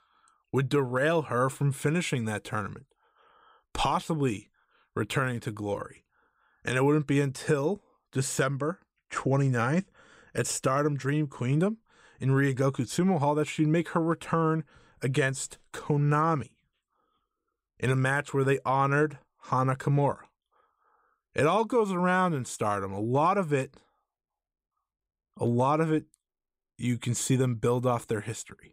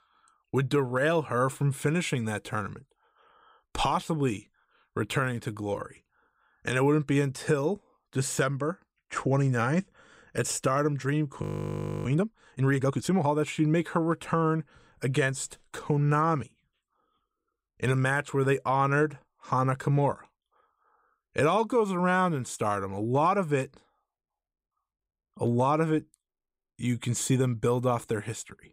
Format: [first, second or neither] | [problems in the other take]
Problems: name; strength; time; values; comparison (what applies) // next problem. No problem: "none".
first | audio freezing; at 11 s for 0.5 s